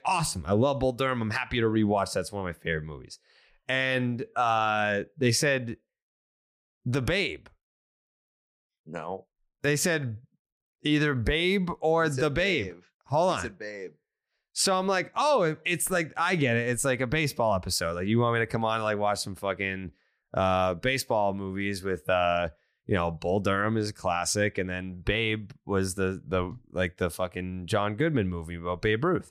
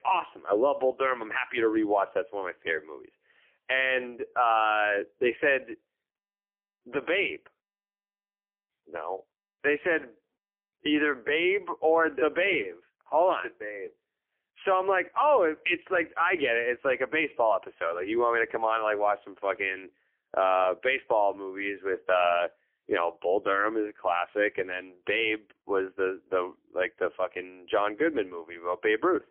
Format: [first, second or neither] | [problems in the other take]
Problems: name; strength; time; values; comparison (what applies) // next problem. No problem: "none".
first | phone-call audio; poor line; nothing above 3 kHz